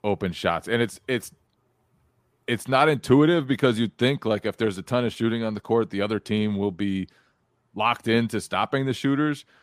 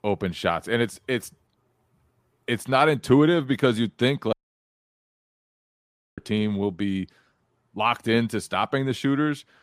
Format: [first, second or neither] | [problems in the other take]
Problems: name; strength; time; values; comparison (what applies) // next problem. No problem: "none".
first | audio cutting out; at 4.5 s for 2 s